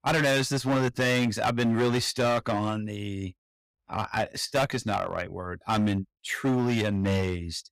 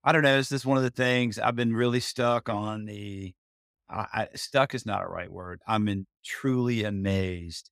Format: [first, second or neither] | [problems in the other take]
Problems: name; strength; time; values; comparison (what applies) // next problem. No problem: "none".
second | distortion; heavy; 12% of the sound clipped